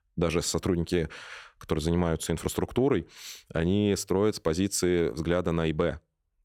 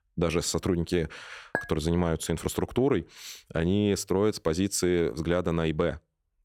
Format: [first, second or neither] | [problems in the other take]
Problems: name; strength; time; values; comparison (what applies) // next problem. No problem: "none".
first | clattering dishes; noticeable; at 1.5 s; peak 6 dB below the speech